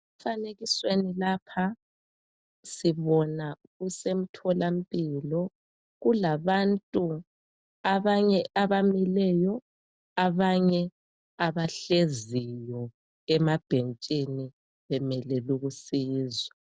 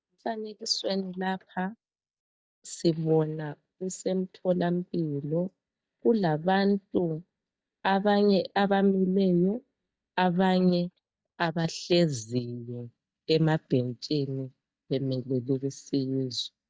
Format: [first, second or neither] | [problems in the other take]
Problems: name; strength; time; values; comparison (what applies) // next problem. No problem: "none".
first | noise reduction (neural mask model DeepFilterNet 3)